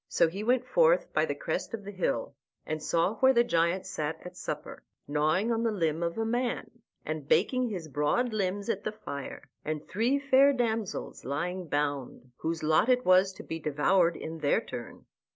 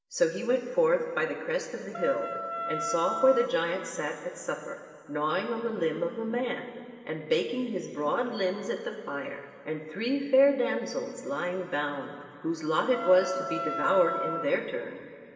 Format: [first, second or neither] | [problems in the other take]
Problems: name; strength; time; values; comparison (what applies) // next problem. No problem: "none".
first | background sound (Wind instrument, woodwind instrument); 5 dB below the speech // room echo; dies away in 2.5 s